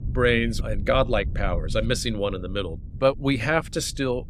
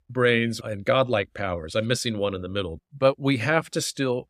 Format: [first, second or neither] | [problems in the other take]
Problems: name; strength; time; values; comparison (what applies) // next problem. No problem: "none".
second | low rumble; faint; throughout; 25 dB below the speech